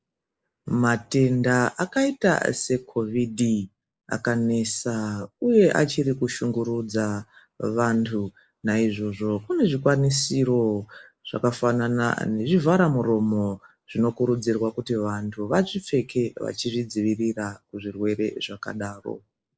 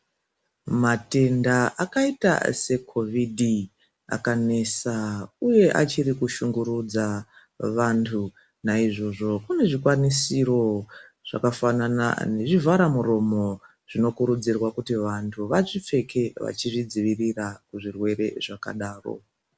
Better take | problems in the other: second | noise reduction (neural mask model Resemble Enhance denoiser)

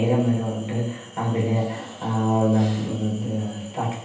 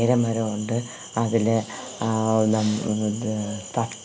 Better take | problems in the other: second | room echo; dies away in 0.9 s

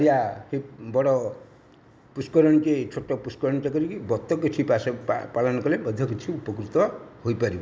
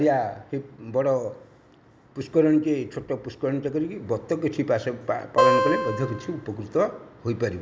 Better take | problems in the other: first | background sound (Acoustic guitar); 3 dB above the speech

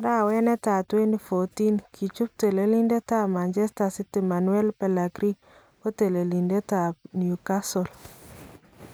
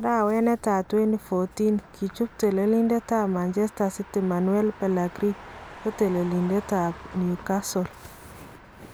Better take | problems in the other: first | background sound (Motor vehicle (road)); 20 dB below the speech

